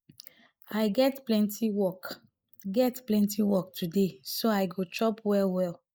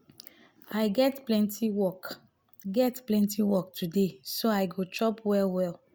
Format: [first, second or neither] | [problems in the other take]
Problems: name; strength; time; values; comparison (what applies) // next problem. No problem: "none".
second | noise reduction (neural mask model Resemble Enhance denoiser)